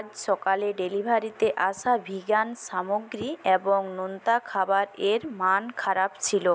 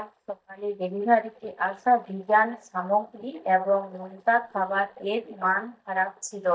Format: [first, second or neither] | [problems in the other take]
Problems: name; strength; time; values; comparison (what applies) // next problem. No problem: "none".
first | noise reduction (neural mask model DeepFilterNet 3)